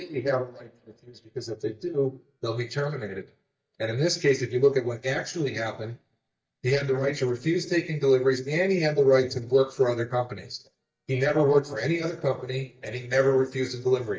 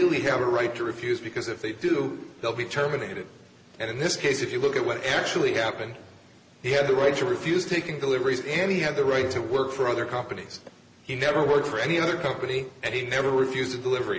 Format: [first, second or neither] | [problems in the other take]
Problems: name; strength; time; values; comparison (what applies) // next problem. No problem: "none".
second | noise reduction (neural mask model DeepFilterNet 3)